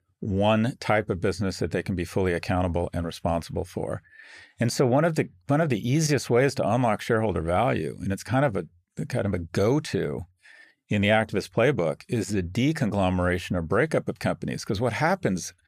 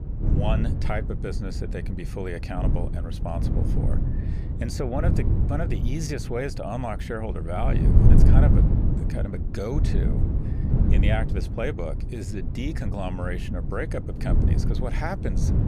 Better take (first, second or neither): first